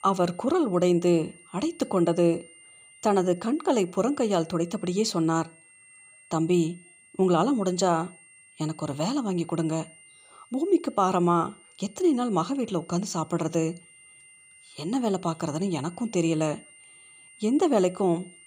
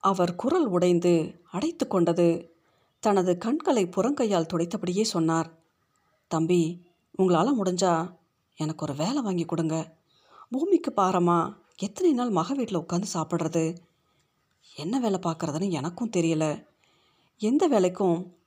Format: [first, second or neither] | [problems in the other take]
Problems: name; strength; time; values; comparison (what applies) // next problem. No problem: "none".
second | high-pitched whine; faint; throughout; 9 kHz, 25 dB below the speech